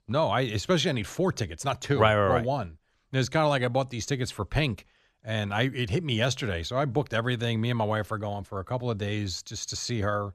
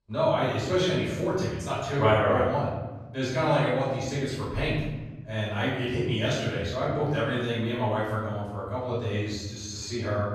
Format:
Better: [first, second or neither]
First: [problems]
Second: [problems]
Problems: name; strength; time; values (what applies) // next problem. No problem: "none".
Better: first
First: none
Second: off-mic speech; far // room echo; strong; dies away in 1.1 s